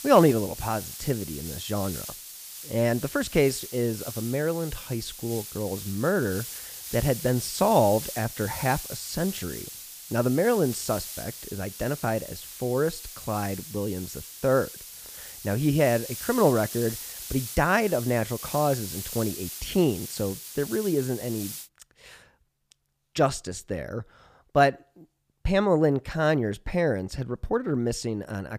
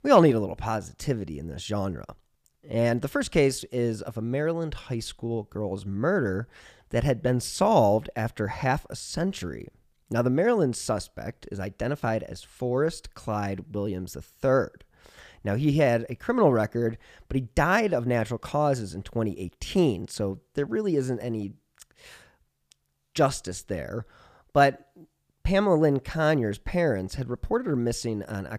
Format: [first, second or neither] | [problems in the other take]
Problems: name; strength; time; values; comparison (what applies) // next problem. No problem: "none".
second | hiss; loud; until 22 s; 10 dB below the speech